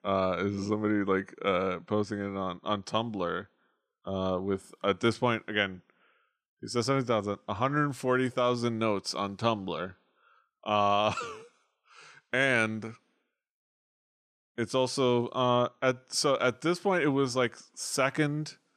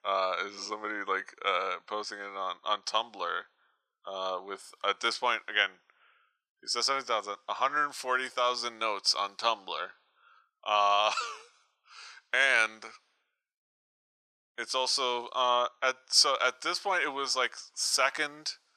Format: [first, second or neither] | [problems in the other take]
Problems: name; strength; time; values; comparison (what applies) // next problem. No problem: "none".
first | thin; very; fading below 900 Hz